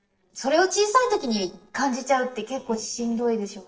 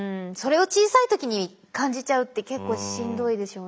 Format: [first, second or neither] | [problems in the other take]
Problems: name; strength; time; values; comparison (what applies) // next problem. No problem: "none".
second | noise reduction (neural separator model SepFormer DNS4)